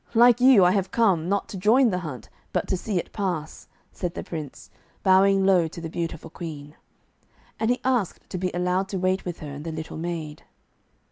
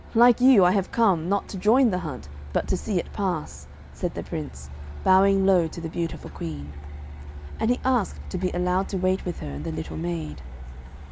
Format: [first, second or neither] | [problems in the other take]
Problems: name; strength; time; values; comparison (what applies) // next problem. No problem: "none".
first | background sound (Truck); 12 dB below the speech